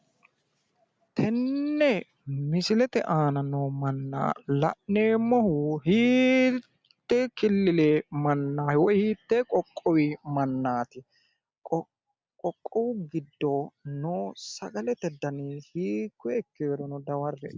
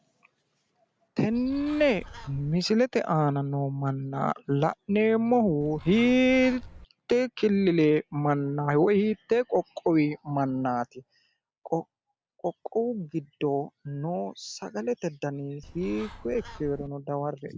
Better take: first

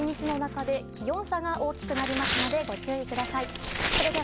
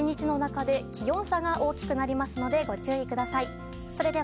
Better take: second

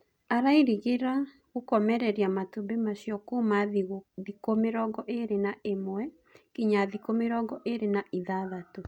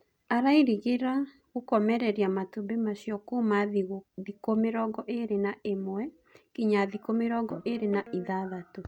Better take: first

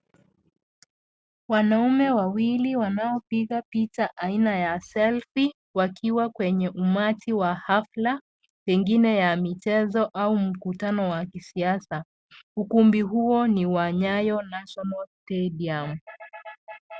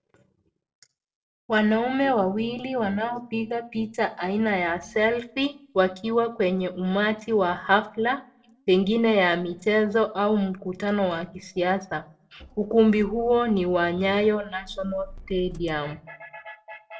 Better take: first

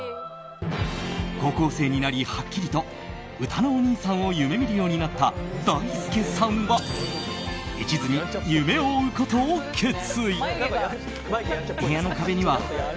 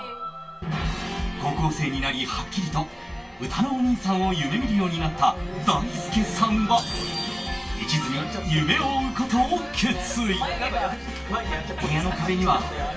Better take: first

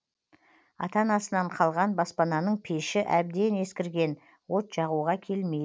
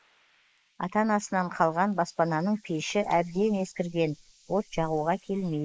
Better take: first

